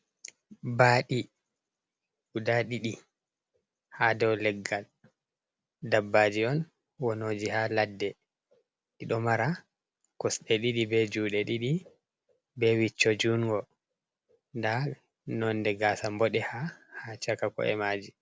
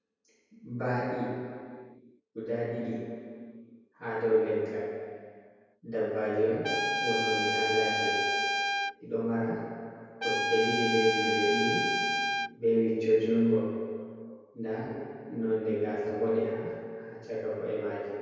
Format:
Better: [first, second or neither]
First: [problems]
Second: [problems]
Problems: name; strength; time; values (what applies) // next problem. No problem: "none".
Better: first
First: none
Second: background sound (Trumpet); 1 dB above the speech // room echo; dies away in 2.2 s